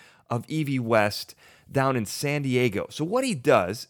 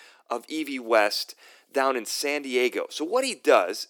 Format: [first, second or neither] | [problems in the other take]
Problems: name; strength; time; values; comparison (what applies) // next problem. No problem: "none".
first | thin; somewhat; fading below 300 Hz